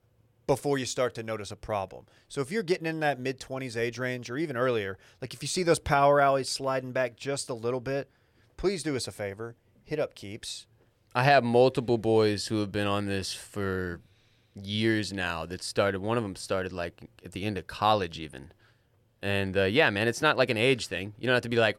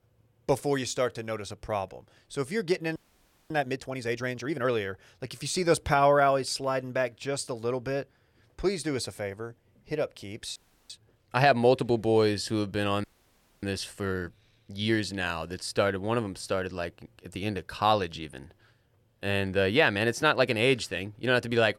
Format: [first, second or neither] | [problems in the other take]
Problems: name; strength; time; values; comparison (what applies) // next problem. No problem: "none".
first | audio freezing; at 3 s for 0.5 s, at 11 s and at 13 s for 0.5 s